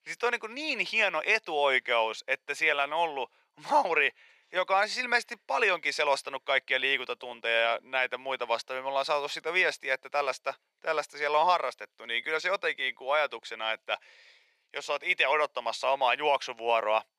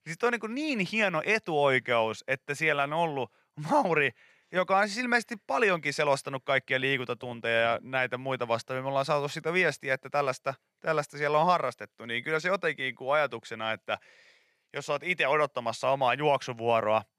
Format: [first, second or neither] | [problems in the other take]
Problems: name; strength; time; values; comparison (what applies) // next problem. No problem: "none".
second | thin; somewhat; fading below 500 Hz